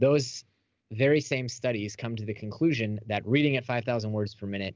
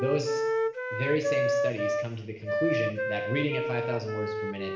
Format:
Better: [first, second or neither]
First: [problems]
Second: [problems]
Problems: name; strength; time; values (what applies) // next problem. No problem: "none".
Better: first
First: none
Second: background sound (Wind instrument, woodwind instrument); 2 dB above the speech // room echo; dies away in 0.7 s